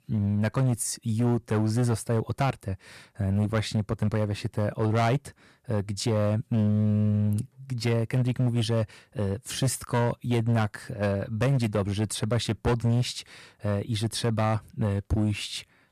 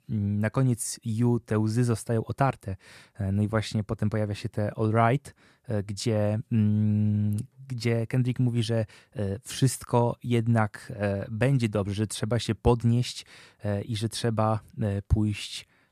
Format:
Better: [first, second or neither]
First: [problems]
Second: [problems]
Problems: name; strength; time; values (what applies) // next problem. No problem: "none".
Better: second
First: distortion; slight; 10% of the sound clipped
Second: none